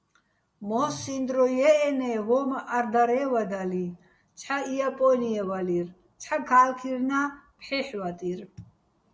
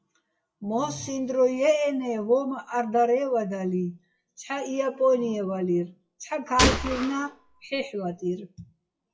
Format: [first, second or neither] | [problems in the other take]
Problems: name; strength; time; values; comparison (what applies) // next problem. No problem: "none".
first | noise reduction (classical method WPE with log-MMSE)